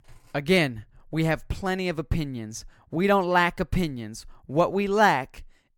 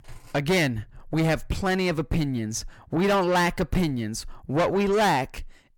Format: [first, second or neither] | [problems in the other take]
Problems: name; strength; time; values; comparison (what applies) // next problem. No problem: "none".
first | distortion; heavy; 6 dB below the speech